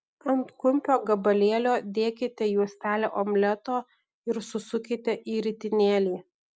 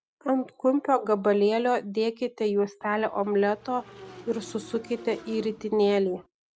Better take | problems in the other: first | background sound (Motorcycle / Engine); 20 dB below the speech

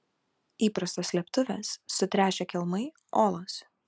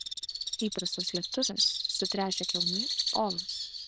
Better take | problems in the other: first | noise reduction (neural diffusion model UNIVERSE++)

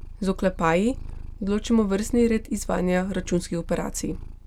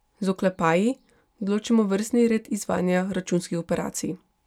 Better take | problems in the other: second | background sound (Purr); 11 dB below the speech

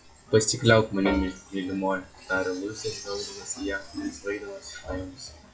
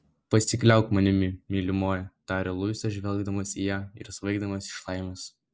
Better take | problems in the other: second | noise reduction (classical method WPE with log-MMSE)

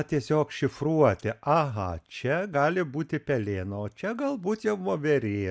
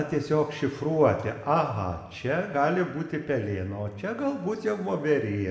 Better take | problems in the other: first | room echo; dies away in 1.3 s

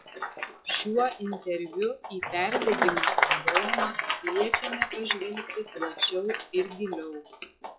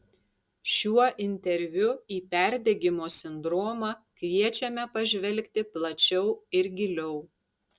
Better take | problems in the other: second | noise reduction (classical method log-MMSE)

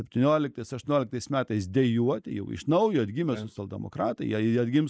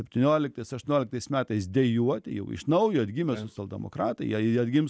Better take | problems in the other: second | noise reduction (neural mask model Resemble Enhance denoiser)

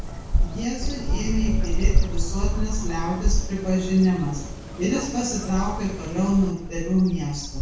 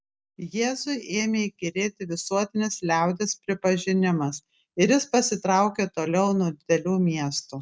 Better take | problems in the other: second | background sound (Bird vocalization, bird call, bird song); 1 dB above the speech // room echo; dies away in 0.6 s

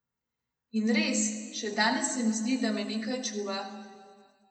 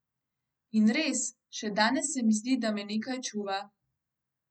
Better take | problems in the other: second | room echo; dies away in 1.6 s

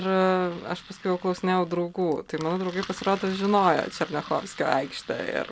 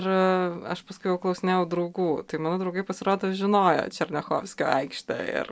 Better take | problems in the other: second | background sound (Engine); 19 dB below the speech

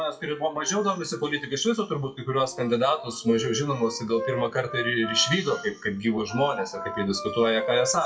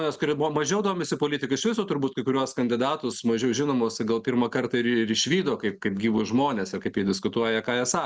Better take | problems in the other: second | noise reduction (classical method WPE with log-MMSE)

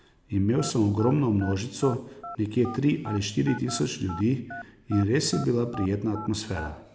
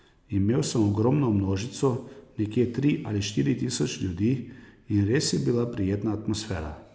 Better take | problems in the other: second | background sound (Telephone); 15 dB below the speech

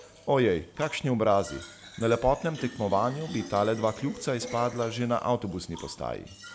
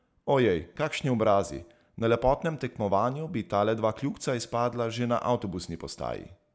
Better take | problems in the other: second | background sound (Fill (with liquid)); 16 dB below the speech

